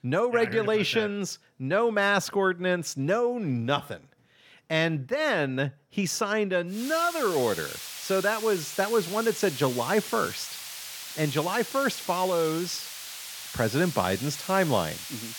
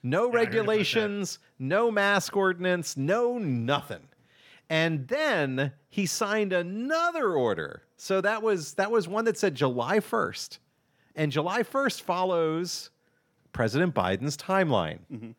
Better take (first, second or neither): second